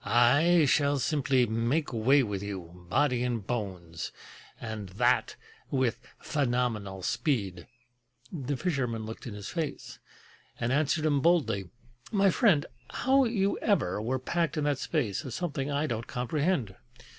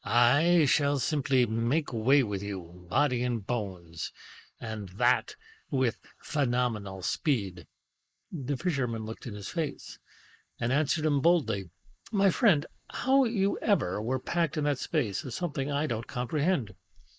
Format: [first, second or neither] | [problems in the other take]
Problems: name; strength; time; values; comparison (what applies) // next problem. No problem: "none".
first | noise reduction (neural mask model Resemble Enhance denoiser)